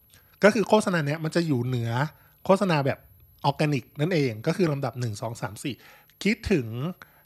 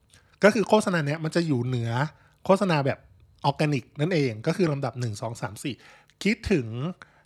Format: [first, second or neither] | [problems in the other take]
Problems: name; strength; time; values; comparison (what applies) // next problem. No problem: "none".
second | high-pitched whine; faint; throughout; 11.5 kHz, 35 dB below the speech